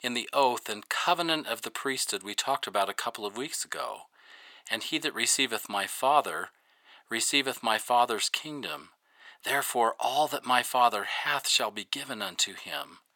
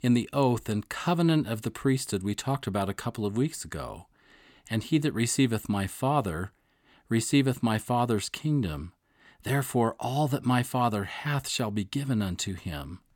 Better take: second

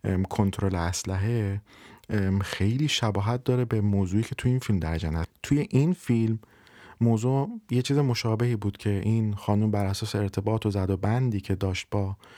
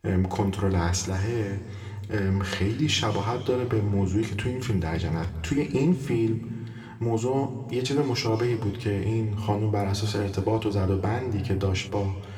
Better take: first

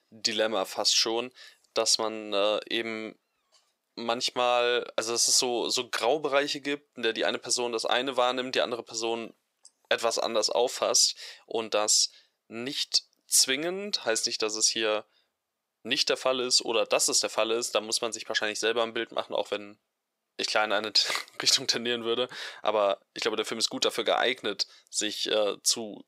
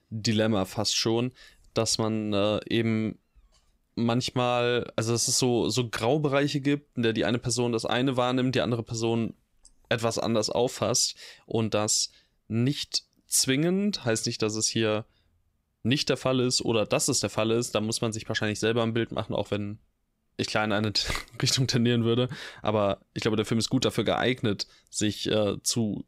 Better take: second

